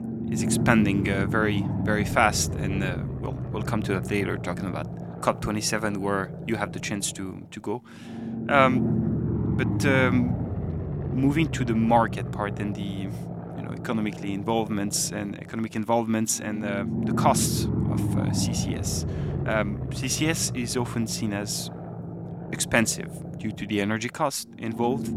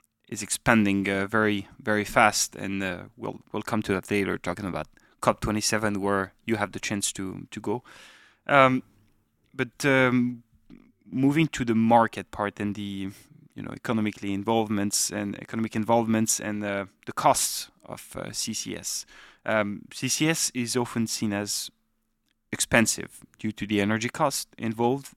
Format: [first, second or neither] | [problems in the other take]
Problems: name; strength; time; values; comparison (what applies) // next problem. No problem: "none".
second | low rumble; noticeable; throughout; 10 dB below the speech